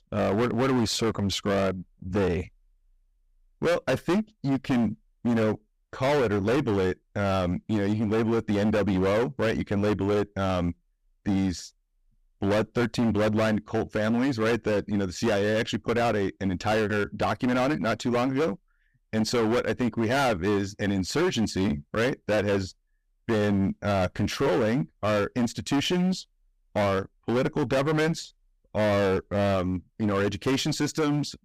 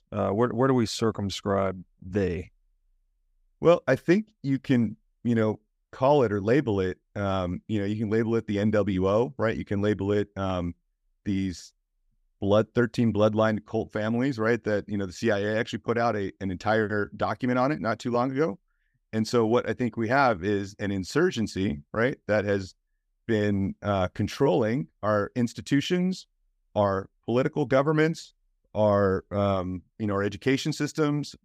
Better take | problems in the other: second | distortion; heavy; 20% of the sound clipped

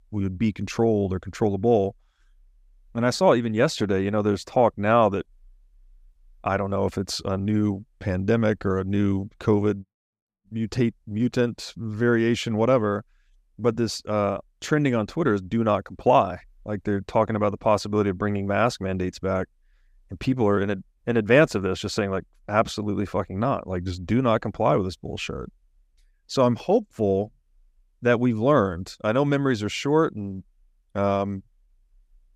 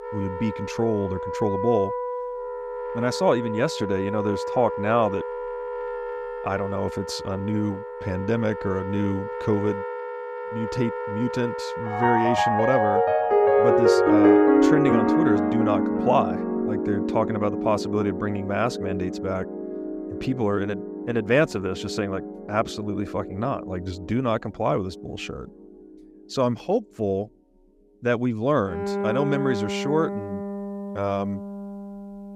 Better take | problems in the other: first | background music; very loud; throughout; as loud as the speech

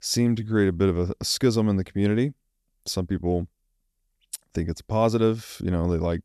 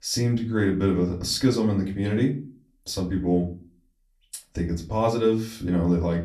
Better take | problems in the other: first | off-mic speech; far // room echo; very slight; dies away in 0.3 s

